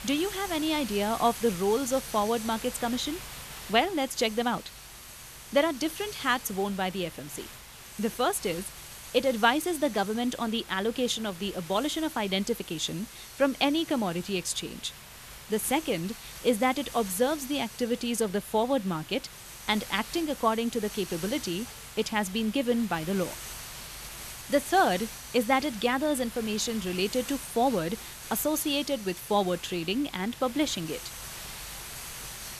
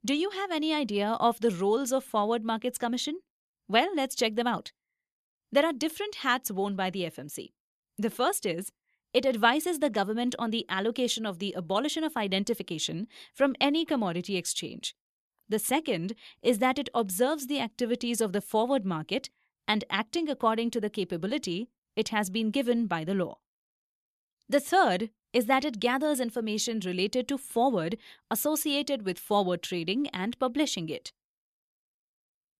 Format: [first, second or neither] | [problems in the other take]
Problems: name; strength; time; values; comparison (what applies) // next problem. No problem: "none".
second | hiss; noticeable; throughout; 10 dB below the speech